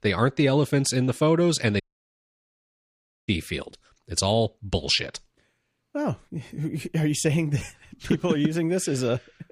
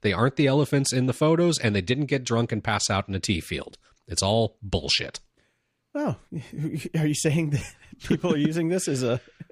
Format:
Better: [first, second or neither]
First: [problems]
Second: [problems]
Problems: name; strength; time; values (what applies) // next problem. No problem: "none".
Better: second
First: audio cutting out; at 2 s for 1.5 s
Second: none